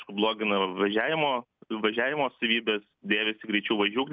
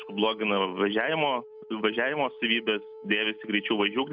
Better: first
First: none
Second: background sound (Wind instrument, woodwind instrument); 16 dB below the speech

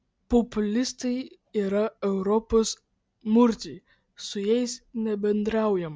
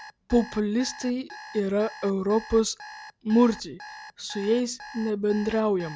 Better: first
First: none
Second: background sound (Alarm); 18 dB below the speech

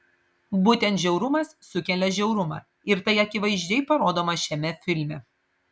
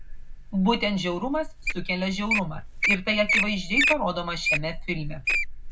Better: first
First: none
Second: background sound (Wild animals); 1 dB below the speech // room echo; dies away in 0.3 s

